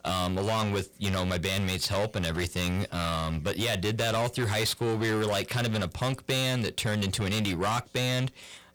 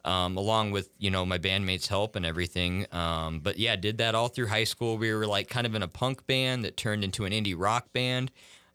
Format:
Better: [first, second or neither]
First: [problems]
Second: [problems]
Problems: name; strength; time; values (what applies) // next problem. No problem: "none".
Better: second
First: distortion; heavy; 6 dB below the speech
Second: none